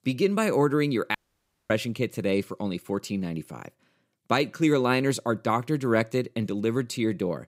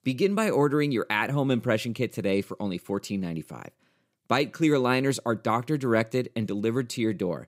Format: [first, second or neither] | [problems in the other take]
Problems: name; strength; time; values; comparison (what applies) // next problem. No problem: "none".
second | audio cutting out; at 1 s for 0.5 s